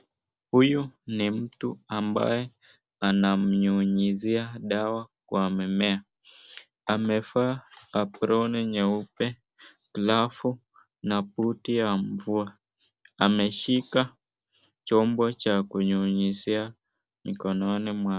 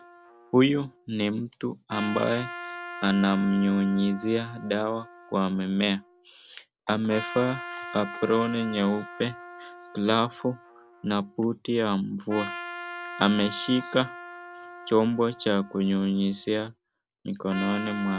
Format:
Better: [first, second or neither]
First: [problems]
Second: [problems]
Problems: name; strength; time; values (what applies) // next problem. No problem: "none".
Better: first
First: none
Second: background sound (Trumpet); 14 dB below the speech